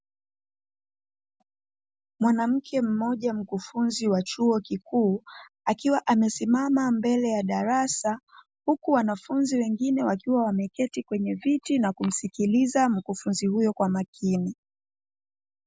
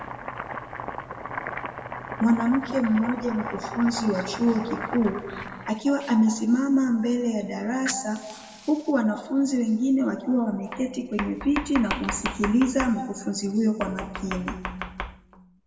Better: first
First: none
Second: background sound (Domestic sounds, home sounds); 11 dB below the speech // room echo; dies away in 1.3 s

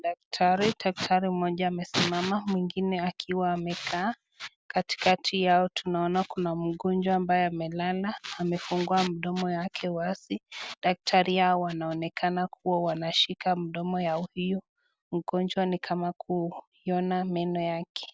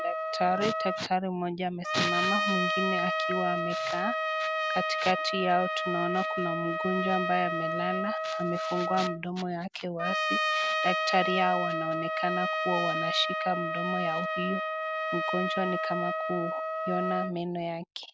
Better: first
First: none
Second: background sound (Trumpet); 1 dB above the speech

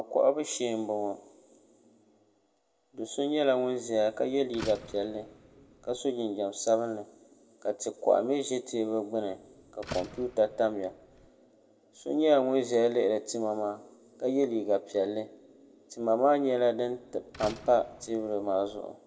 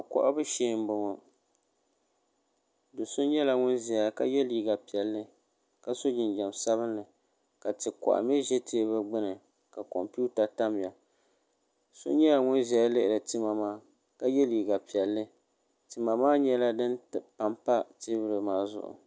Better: second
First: background sound (Slam); 18 dB below the speech // room echo; dies away in 1.9 s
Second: none

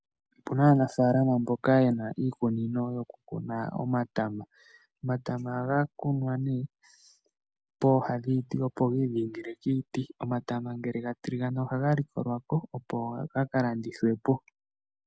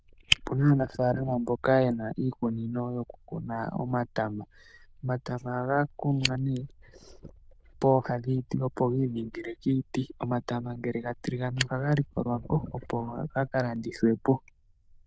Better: first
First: none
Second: noise reduction (neural diffusion model UNIVERSE++)

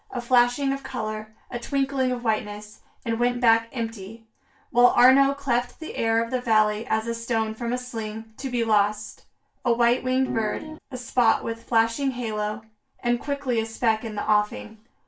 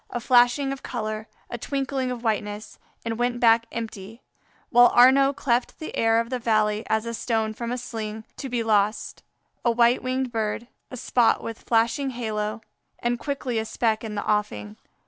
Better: second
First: background sound (Piano); 7 dB below the speech // room echo; dies away in 0.2 s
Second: none

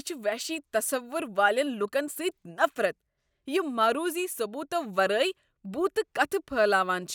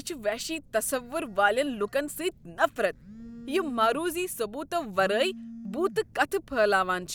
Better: first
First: none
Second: background sound (Telephone); 18 dB below the speech

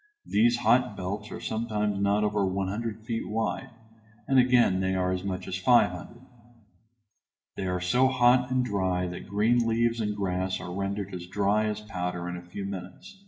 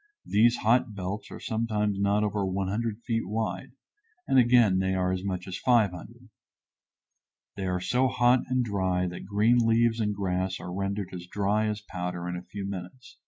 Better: second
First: room echo; dies away in 1 s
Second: none

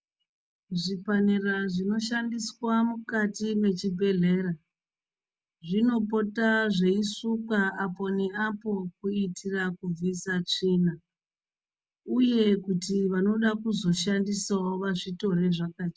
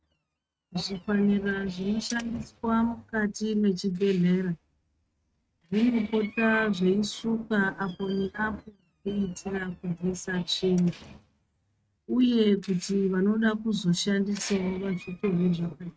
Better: first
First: none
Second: noise reduction (neural mask model RNNoise)

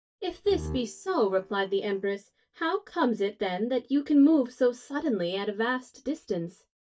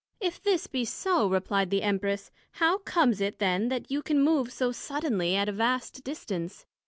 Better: second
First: noise reduction (neural mask model DeepFilterNet 3)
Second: none

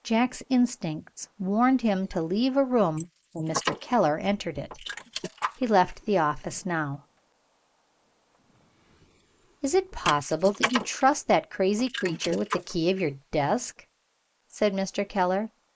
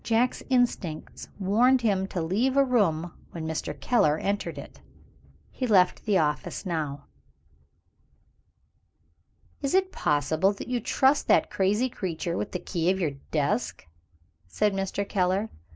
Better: second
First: noise reduction (neural mask model Resemble Enhance denoiser)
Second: none

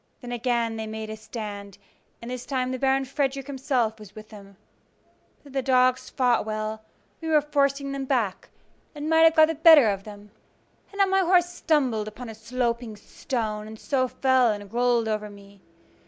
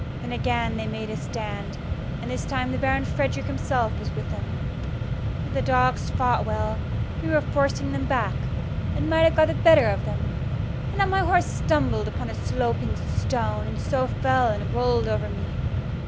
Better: first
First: none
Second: background sound (Mechanisms); as loud as the speech

